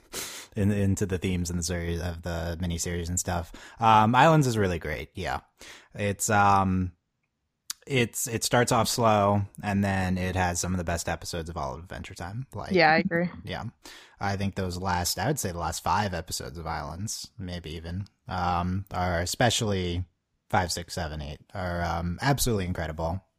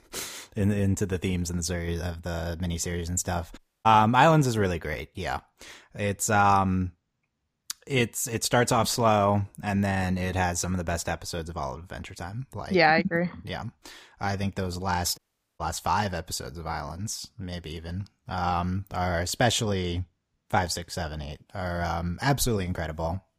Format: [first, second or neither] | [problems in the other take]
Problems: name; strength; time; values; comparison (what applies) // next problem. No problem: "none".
first | audio cutting out; at 3.5 s and at 15 s